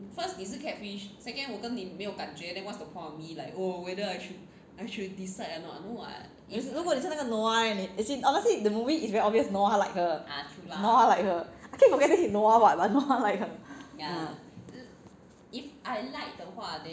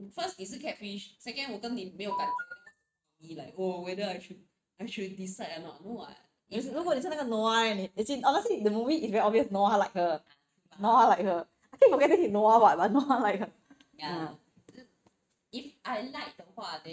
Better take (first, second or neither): first